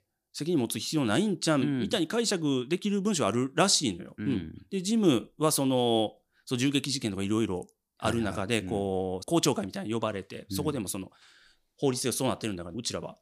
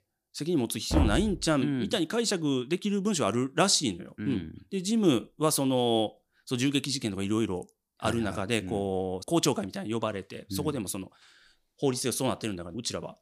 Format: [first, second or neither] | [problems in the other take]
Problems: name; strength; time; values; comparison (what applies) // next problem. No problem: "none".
first | door banging; noticeable; at 1 s; peak level with the speech